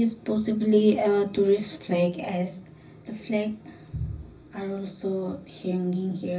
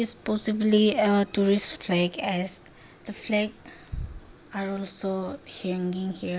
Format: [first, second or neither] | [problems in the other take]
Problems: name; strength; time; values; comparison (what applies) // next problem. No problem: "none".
second | room echo; dies away in 0.4 s